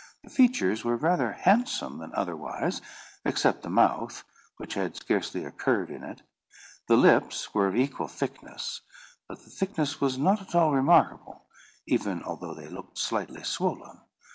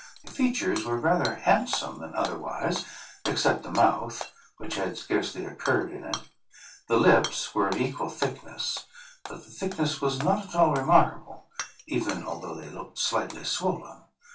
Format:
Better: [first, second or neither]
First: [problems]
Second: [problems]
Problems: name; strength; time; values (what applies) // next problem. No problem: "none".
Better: first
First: none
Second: background sound (Shatter / Hammer); 15 dB below the speech // room echo; dies away in 0.2 s